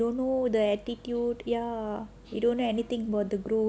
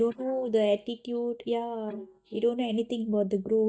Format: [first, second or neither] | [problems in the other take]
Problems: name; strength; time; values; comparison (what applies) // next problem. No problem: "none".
first | noise reduction (neural mask model DeepFilterNet 3)